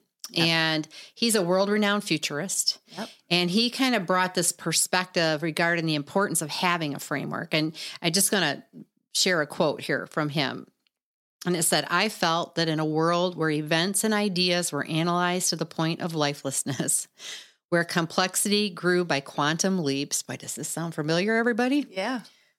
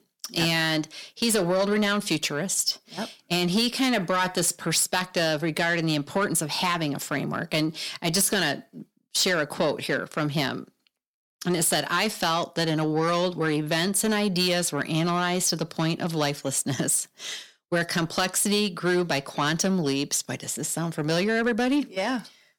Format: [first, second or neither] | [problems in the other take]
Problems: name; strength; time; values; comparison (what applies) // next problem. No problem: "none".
first | distortion; slight; 10 dB below the speech